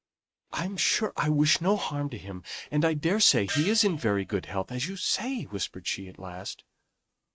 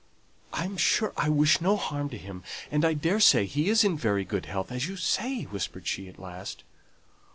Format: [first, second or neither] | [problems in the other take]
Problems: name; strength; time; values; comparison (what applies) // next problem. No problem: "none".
second | noise reduction (neural mask model RNNoise)